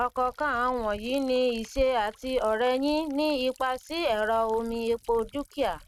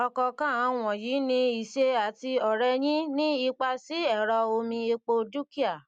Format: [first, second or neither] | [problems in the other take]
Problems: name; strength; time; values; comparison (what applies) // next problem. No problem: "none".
second | noise reduction (neural mask model RNNoise)